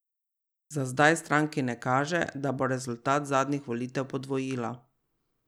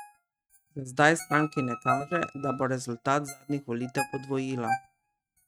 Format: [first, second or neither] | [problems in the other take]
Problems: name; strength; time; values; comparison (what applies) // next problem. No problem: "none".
first | noise reduction (neural mask model RNNoise)